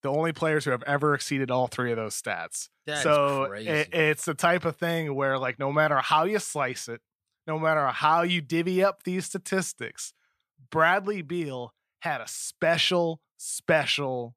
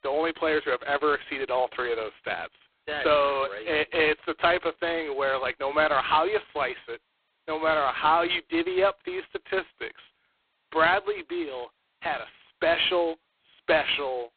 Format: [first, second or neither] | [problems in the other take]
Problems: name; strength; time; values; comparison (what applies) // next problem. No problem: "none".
first | phone-call audio; poor line; nothing above 3.5 kHz